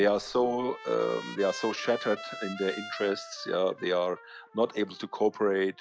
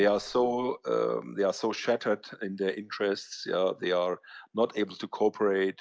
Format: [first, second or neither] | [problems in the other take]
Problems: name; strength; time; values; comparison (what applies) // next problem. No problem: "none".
second | background sound (Trumpet); 15 dB below the speech